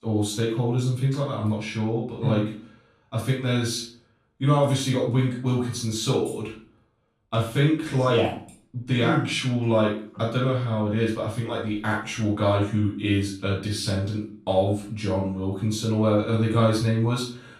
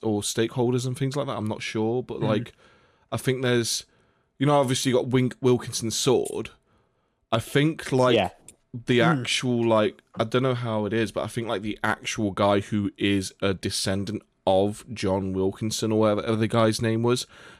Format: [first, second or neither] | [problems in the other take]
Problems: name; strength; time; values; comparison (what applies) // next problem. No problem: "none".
second | off-mic speech; far // room echo; noticeable; dies away in 0.4 s